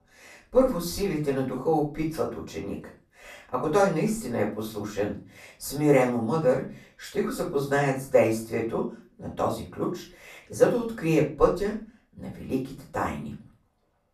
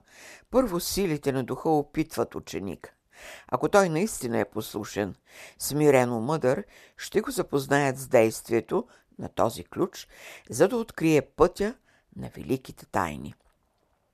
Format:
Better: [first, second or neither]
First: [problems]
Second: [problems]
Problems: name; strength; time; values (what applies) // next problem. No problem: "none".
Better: second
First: off-mic speech; far // room echo; slight; dies away in 0.3 s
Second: none